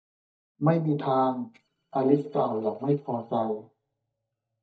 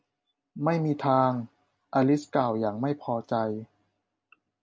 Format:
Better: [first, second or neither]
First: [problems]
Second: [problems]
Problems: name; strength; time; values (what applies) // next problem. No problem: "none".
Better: second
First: noise reduction (neural mask model DeepFilterNet 3)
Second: none